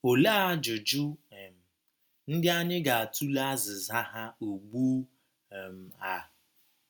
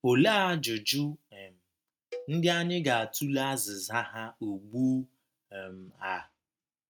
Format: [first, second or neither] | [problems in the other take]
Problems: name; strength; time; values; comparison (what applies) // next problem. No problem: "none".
first | noise reduction (neural mask model RNNoise)